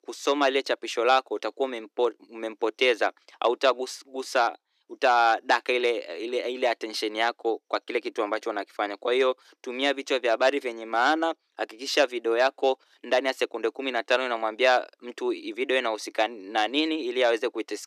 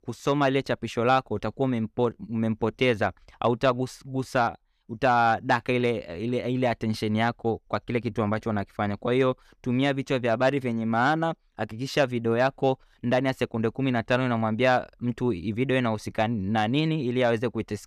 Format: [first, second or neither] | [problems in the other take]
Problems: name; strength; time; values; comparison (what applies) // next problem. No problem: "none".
second | thin; somewhat; fading below 300 Hz